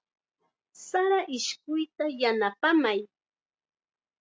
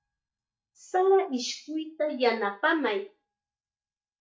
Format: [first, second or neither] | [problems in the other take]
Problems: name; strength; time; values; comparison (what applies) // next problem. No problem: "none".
first | noise reduction (neural mask model DeepFilterNet 3)